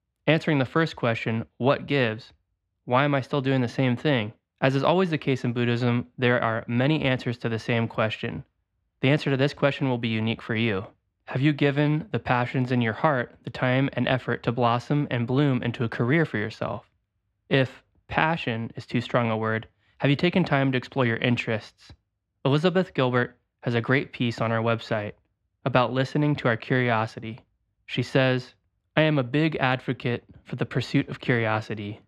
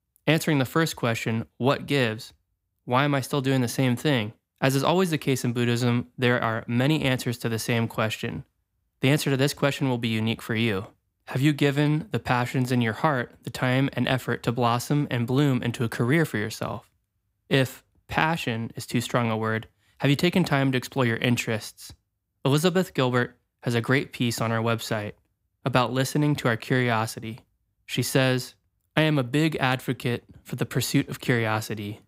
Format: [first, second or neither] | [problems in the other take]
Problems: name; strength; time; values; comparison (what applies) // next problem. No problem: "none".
second | muffled; slightly; fading above 3 kHz